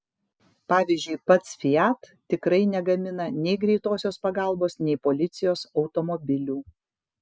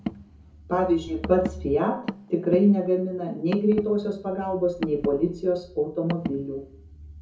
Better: first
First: none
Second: background sound (Car); 12 dB below the speech // room echo; dies away in 0.5 s

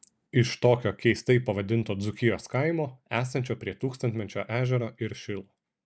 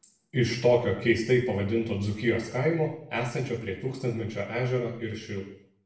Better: first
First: none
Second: room echo; dies away in 0.6 s

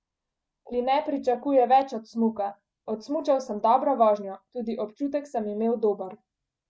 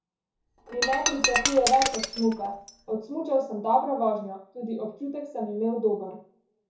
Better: first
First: none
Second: background sound (Shatter); 2 dB below the speech // room echo; dies away in 0.6 s

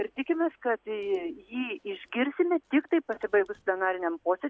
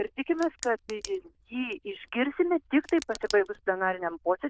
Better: first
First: none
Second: noise reduction (neural diffusion model UNIVERSE++)

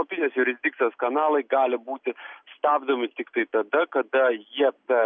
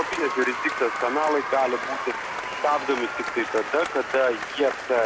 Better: first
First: none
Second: background sound (Applause); 5 dB below the speech

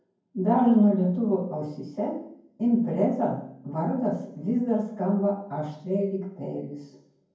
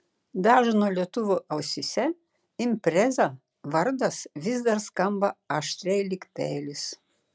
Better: second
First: room echo; dies away in 0.9 s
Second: none

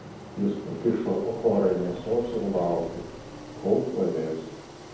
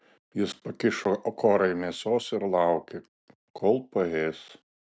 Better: second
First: background sound (Engine); 14 dB below the speech // room echo; dies away in 0.9 s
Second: none

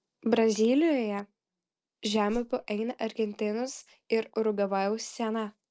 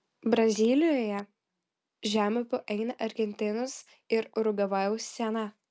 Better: second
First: noise reduction (neural separator model SepFormer DNS4)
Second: none

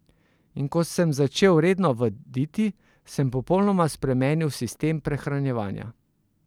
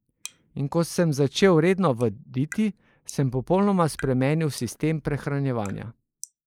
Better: first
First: none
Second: noise reduction (neural mask model Resemble Enhance denoiser)

